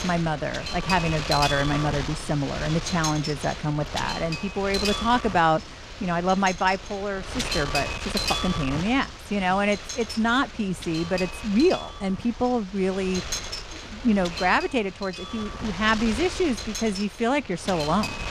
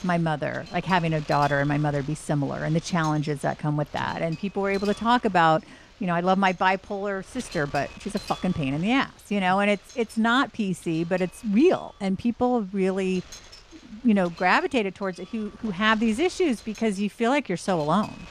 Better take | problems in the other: second | wind noise on the microphone; heavy; 6 dB below the speech; occasional gusts in the second

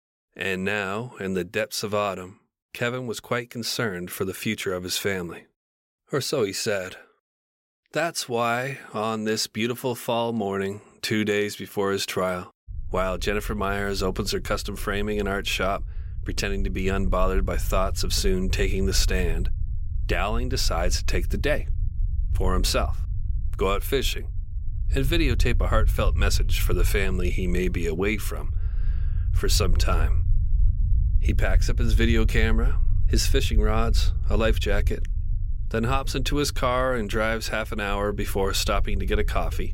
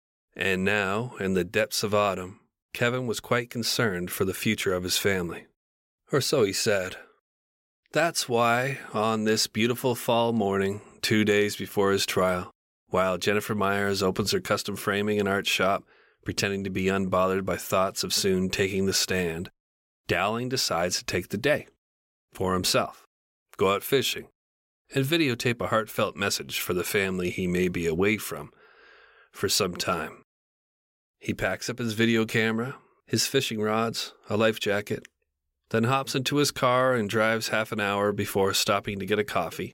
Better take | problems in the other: second | low rumble; faint; from 13 s on; 20 dB below the speech

